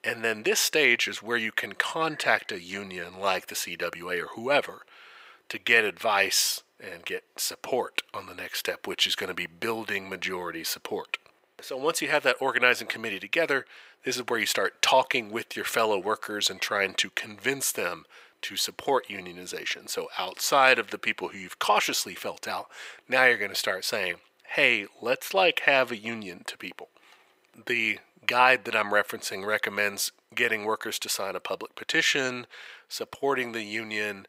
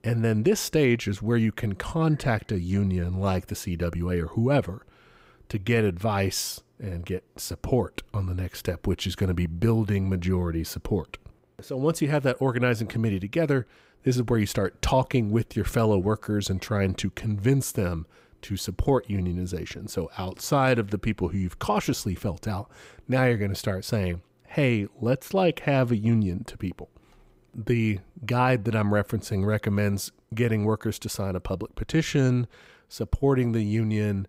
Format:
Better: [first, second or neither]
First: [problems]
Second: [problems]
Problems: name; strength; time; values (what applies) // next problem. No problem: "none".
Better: second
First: thin; very; fading below 650 Hz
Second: none